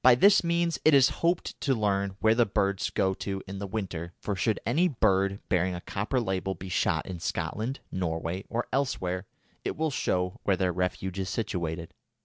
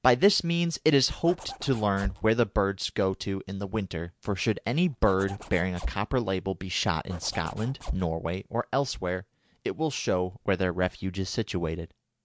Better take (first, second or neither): first